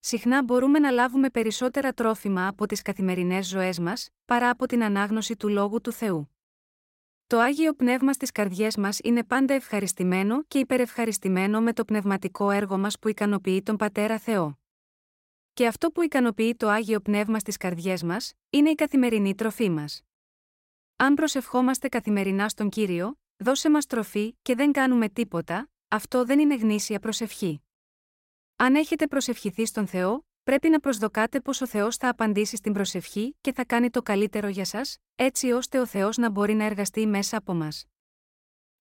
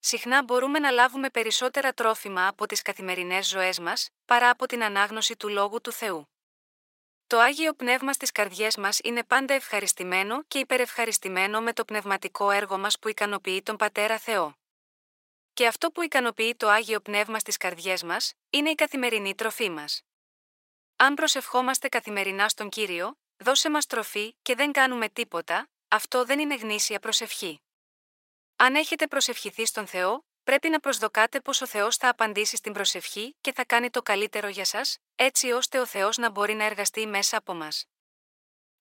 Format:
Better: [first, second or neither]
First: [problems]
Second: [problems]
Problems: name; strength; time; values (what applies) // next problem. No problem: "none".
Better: first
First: none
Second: thin; very; fading below 650 Hz